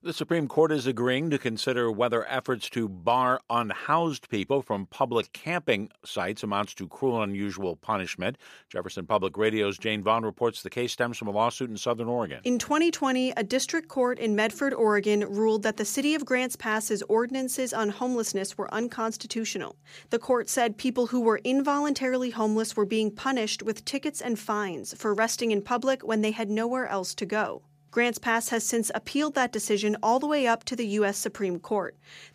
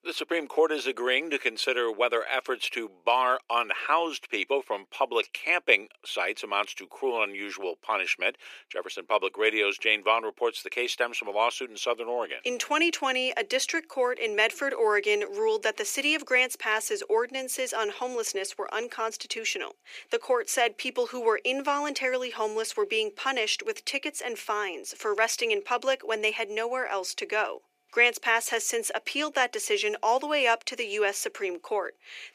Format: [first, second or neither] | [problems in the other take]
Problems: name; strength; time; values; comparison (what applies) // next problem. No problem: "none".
first | thin; somewhat; fading below 350 Hz